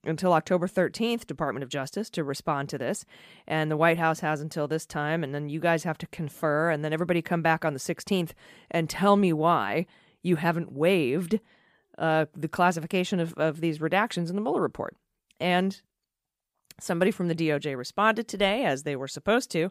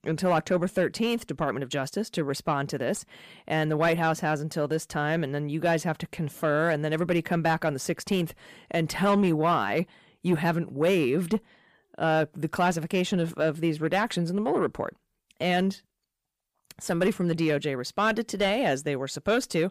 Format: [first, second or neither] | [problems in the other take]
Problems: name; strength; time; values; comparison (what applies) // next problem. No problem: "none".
first | distortion; slight; 10 dB below the speech